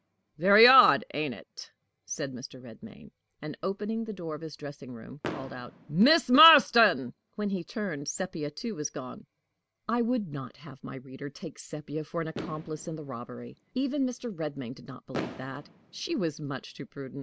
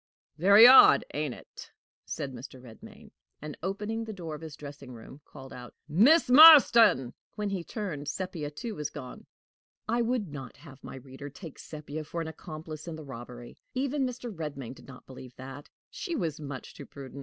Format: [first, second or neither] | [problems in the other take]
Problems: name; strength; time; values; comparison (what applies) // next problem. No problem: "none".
second | background sound (Fireworks); 19 dB below the speech